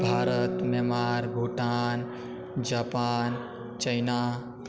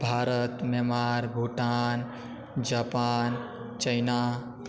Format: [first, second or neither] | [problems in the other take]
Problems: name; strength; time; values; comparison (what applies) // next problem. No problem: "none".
second | background sound (Guitar); 6 dB below the speech